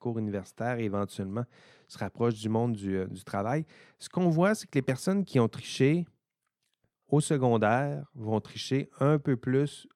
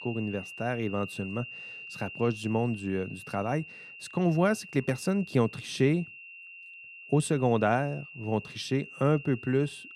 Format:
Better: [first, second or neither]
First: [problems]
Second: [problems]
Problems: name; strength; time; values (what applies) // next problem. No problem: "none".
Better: first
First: none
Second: high-pitched whine; noticeable; throughout; 3 kHz, 15 dB below the speech